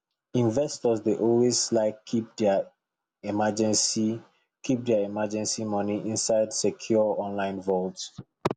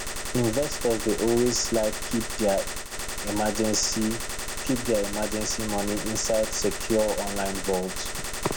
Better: first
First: none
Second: background sound (Gunshot, gunfire); 4 dB below the speech

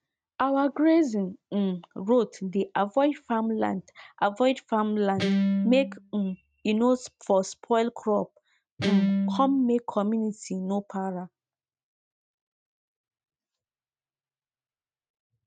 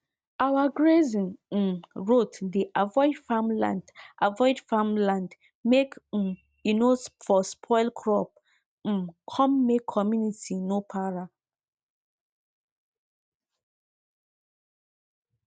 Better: second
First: noise reduction (neural mask model RNNoise)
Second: none

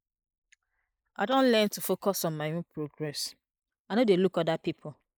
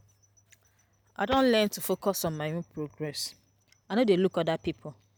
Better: second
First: noise reduction (neural mask model Resemble Enhance denoiser)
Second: none

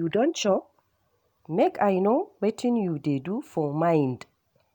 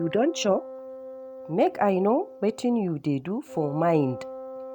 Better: first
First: none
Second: background sound (Wind instrument, woodwind instrument); 14 dB below the speech

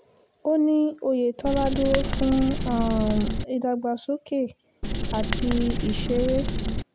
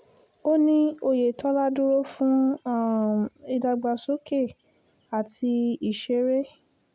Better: second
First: background sound (Writing); 1 dB below the speech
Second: none

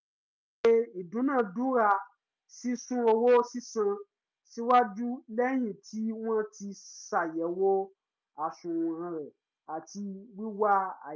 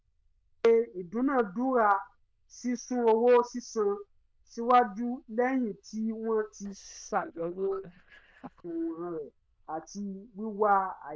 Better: first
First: none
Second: noise reduction (neural diffusion model UNIVERSE++)

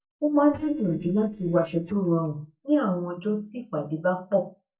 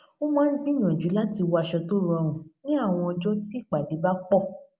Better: second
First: noise reduction (neural mask model DeepFilterNet 3)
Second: none

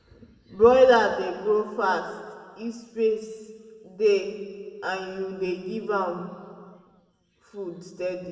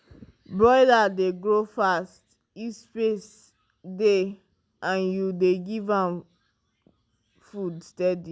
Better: second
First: room echo; dies away in 1.5 s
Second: none

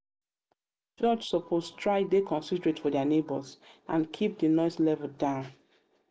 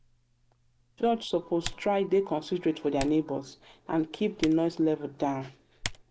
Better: first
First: none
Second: background sound (Typing); 15 dB below the speech

